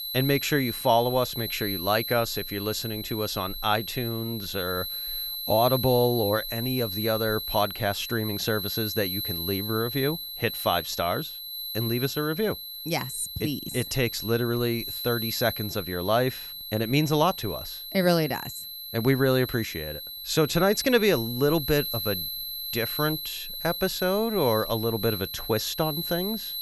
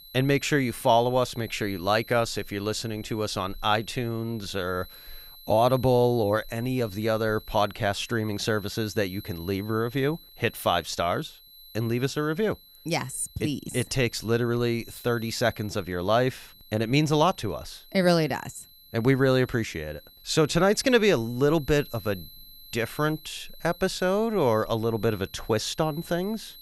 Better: second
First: high-pitched whine; loud; throughout; 4 kHz, 5 dB below the speech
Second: high-pitched whine; faint; throughout; 4 kHz, 20 dB below the speech

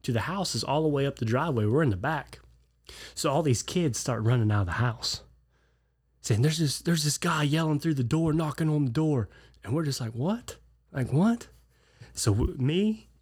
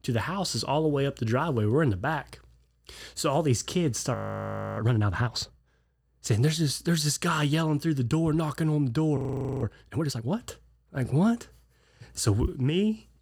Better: first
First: none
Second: audio freezing; at 4 s for 0.5 s and at 9 s

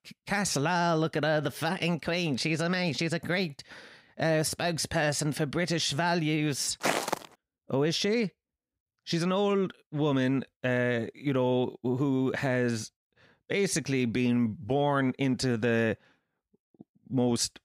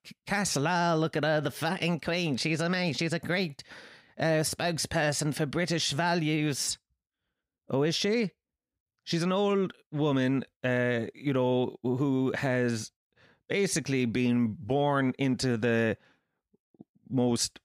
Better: second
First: footsteps; noticeable; at 7 s; peak level with the speech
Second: none

